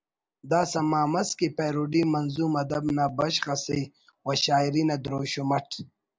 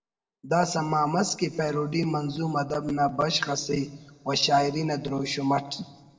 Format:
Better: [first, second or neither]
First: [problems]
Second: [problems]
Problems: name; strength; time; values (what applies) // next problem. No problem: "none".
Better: first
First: none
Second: noise reduction (neural separator model SepFormer DNS4)